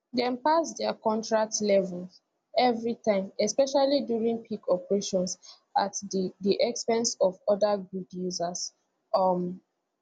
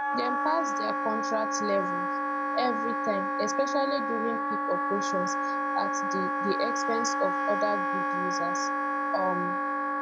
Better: first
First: none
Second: background sound (Wind instrument, woodwind instrument); 4 dB above the speech

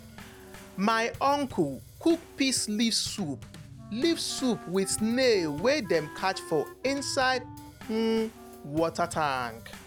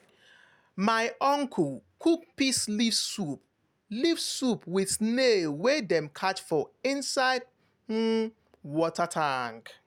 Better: second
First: background sound (Wind instrument, woodwind instrument + Bass drum / Snare drum / Drum kit); 16 dB below the speech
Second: none

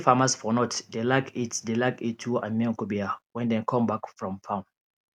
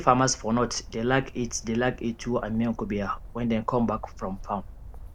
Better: first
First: none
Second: background sound (Bird); 14 dB below the speech

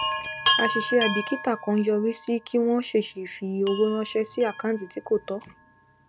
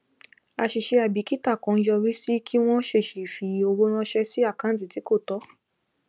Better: second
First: background sound (Chime); 6 dB below the speech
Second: none

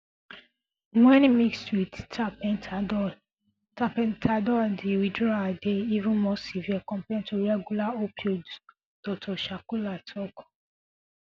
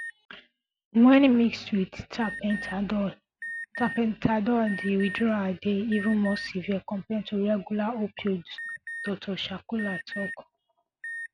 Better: first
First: none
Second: background sound (Alarm); 14 dB below the speech

